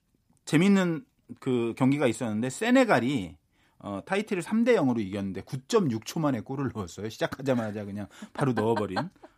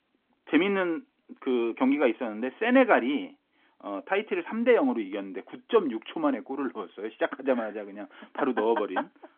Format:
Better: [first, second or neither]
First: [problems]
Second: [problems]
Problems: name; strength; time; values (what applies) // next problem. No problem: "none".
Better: first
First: none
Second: phone-call audio; nothing above 3.5 kHz